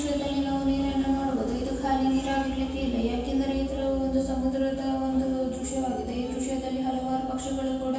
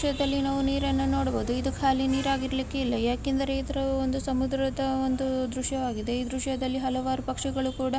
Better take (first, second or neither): second